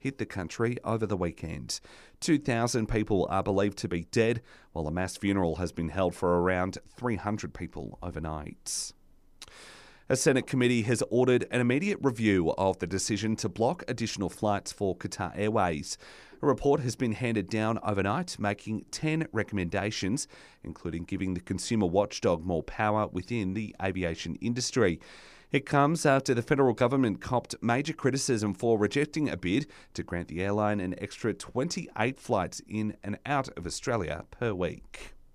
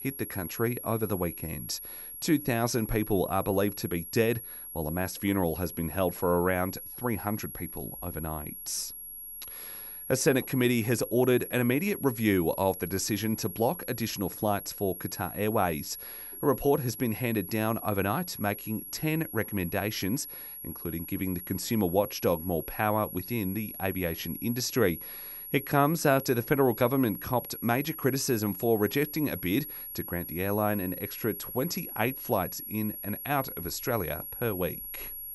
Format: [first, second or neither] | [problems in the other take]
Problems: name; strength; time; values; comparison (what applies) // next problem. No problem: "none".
first | high-pitched whine; loud; throughout; 11.5 kHz, 9 dB below the speech